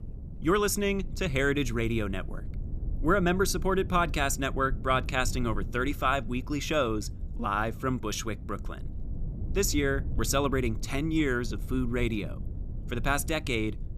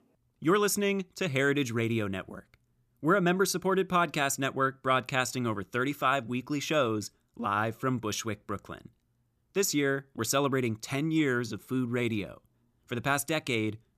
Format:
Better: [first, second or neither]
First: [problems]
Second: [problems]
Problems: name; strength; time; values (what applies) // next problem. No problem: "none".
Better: second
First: low rumble; faint; throughout; 20 dB below the speech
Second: none